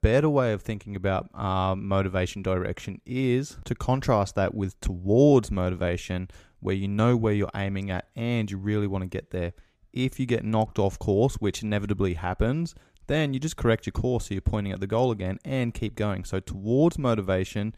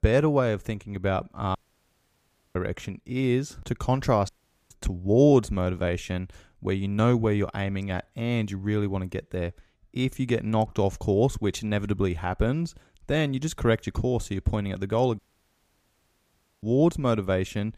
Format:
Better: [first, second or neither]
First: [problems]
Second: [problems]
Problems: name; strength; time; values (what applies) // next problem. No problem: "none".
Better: first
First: none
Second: audio cutting out; at 1.5 s for 1 s, at 4.5 s and at 15 s for 1.5 s